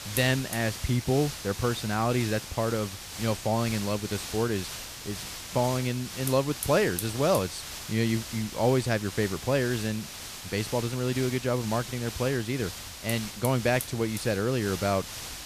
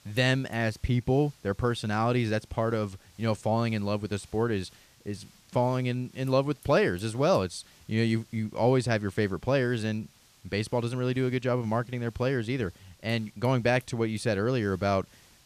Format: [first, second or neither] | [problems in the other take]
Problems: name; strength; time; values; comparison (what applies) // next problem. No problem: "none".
second | hiss; loud; throughout; 8 dB below the speech; faint in the second